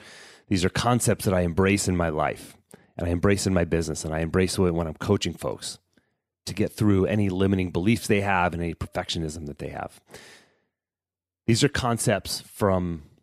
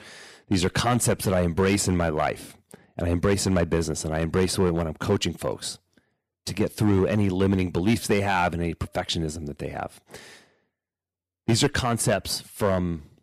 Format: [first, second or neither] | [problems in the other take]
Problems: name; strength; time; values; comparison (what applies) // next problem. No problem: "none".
first | distortion; slight; 3% of the sound clipped